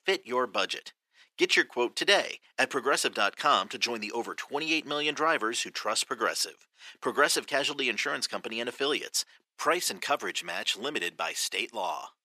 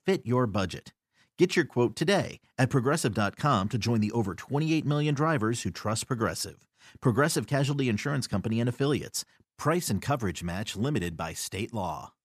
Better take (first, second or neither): second